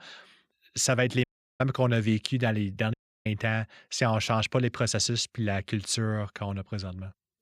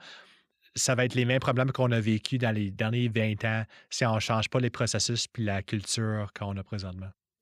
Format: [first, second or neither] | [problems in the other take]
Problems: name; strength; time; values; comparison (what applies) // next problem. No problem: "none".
second | audio cutting out; at 1 s and at 3 s